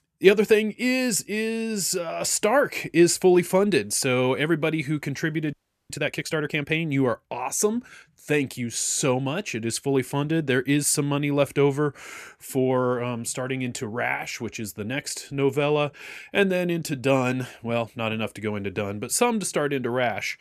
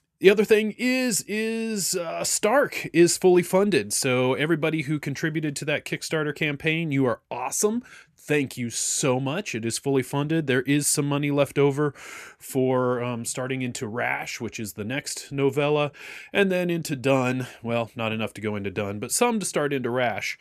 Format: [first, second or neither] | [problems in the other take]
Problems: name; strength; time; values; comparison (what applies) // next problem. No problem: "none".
second | audio freezing; at 5.5 s